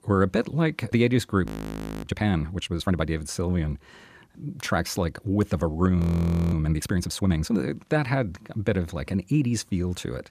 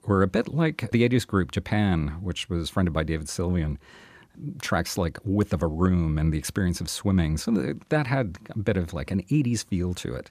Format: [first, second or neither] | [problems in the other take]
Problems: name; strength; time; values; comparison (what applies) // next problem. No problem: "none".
second | audio freezing; at 1.5 s for 0.5 s and at 6 s for 0.5 s